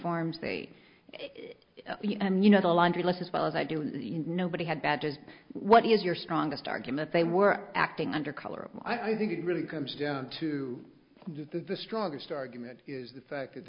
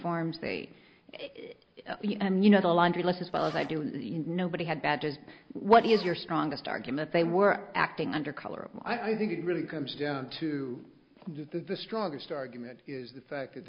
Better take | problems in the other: first | background sound (Zipper (clothing)); 19 dB below the speech

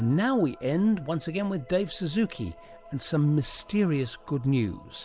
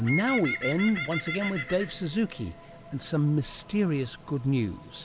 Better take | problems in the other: first | background sound (Bird); 9 dB below the speech

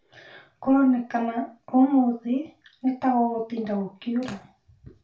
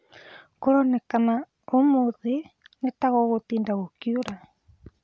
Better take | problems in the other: second | room echo; dies away in 0.3 s

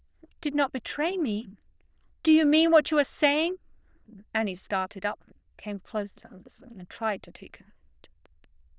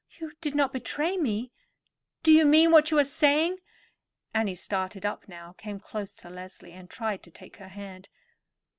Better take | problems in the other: second | noise reduction (neural diffusion model UNIVERSE++)

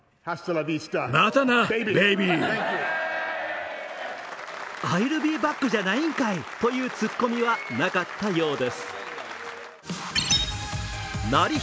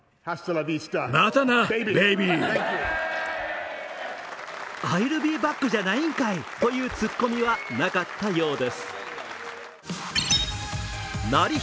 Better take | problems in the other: first | background sound (Water / Splash, splatter); 16 dB below the speech

